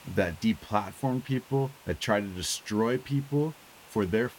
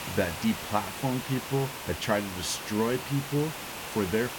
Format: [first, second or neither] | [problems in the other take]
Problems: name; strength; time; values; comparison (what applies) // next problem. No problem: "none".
first | hiss; loud; throughout; 6 dB below the speech; faint in the first